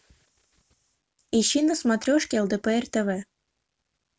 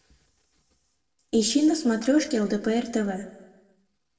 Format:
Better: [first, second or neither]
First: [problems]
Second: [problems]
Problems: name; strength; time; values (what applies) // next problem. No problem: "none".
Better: first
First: none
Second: room echo; dies away in 0.8 s